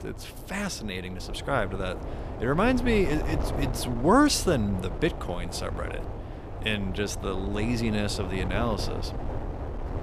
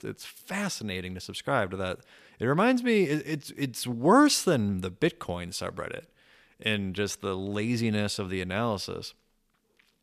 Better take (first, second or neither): second